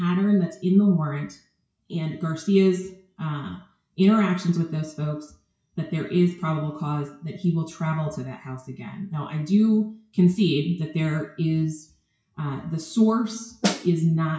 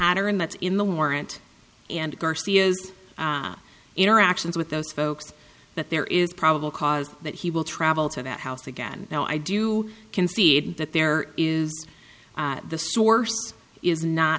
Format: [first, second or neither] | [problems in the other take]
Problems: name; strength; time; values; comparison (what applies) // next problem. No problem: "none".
second | noise reduction (classical method WPE with log-MMSE)